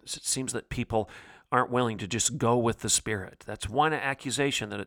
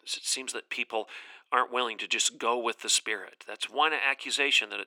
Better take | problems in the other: first | thin; somewhat; fading below 300 Hz

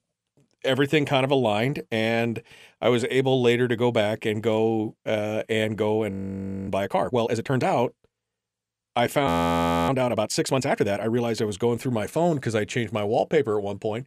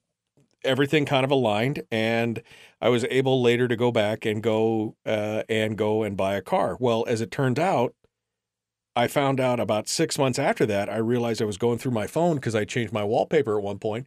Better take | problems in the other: second | audio freezing; at 6 s for 0.5 s and at 9.5 s for 0.5 s

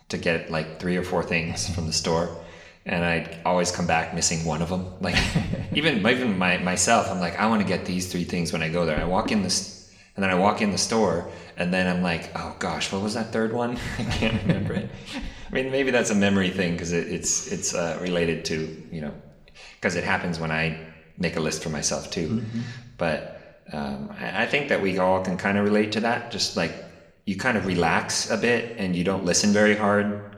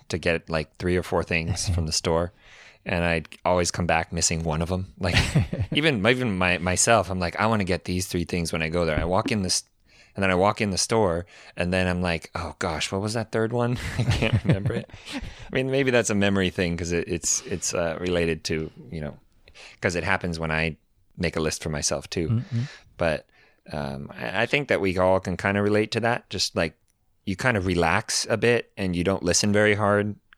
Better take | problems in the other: second | room echo; very slight; dies away in 0.8 s

